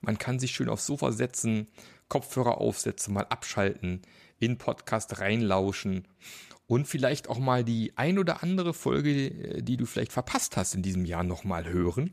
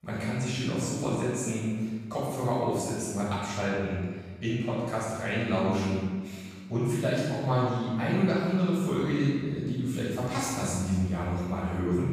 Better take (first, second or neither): first